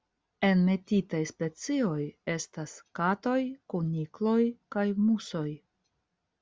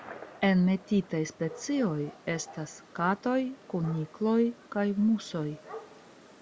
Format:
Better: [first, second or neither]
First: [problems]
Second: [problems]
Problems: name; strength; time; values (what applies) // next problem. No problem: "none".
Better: first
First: none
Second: background sound (Gunshot, gunfire); 19 dB below the speech